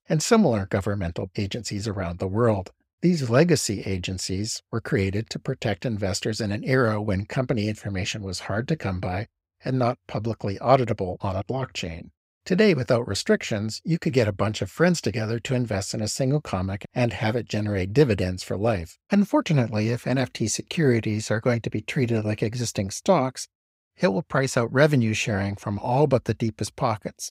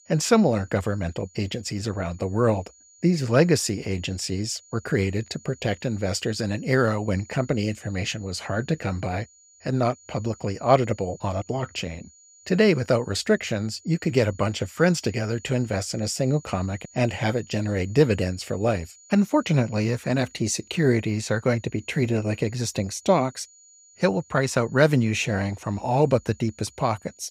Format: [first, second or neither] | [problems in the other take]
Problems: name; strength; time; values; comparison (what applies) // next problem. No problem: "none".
first | high-pitched whine; faint; throughout; 7 kHz, 25 dB below the speech